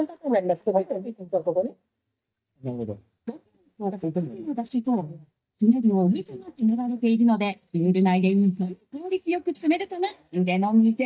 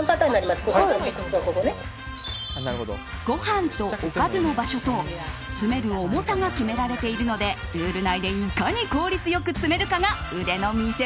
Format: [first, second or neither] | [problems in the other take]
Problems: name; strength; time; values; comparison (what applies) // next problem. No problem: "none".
second | noise reduction (neural mask model DeepFilterNet 3)